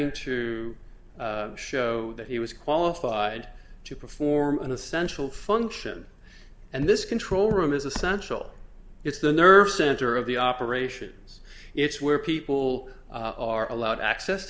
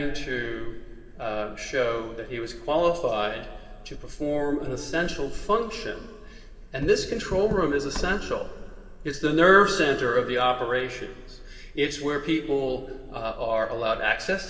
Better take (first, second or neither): first